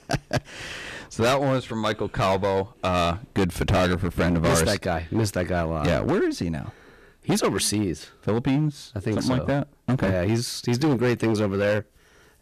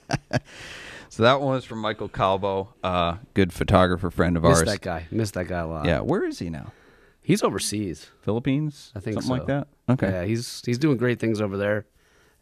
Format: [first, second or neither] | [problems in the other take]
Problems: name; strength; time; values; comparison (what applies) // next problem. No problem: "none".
second | distortion; heavy; 11% of the sound clipped